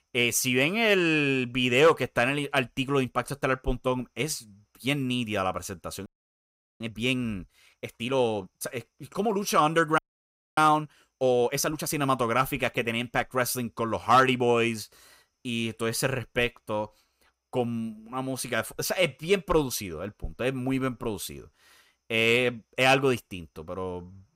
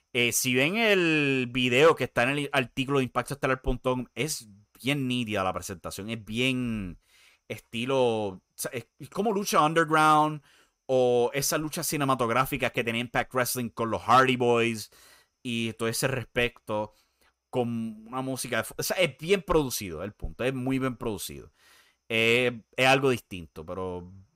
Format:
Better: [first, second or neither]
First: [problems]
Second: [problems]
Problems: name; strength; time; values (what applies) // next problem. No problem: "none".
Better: second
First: audio freezing; at 6 s for 0.5 s and at 10 s for 0.5 s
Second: none